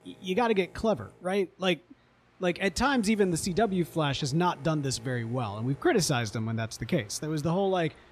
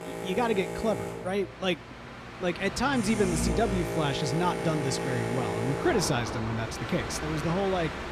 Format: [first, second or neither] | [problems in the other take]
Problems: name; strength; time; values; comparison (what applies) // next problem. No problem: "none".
first | train or aircraft noise; loud; throughout; 4 dB below the speech; faint in the first